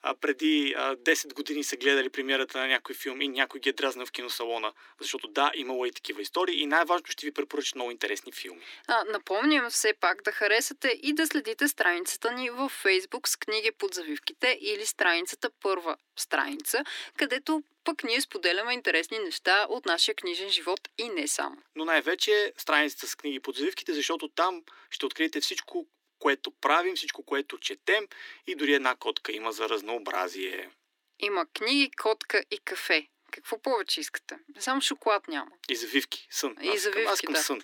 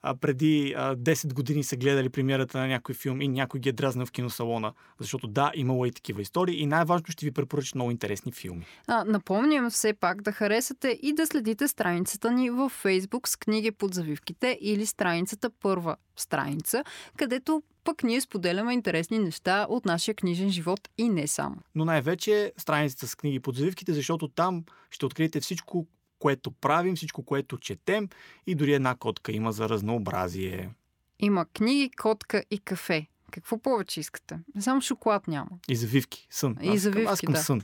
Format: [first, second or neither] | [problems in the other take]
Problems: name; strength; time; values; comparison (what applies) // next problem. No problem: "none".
second | thin; somewhat; fading below 300 Hz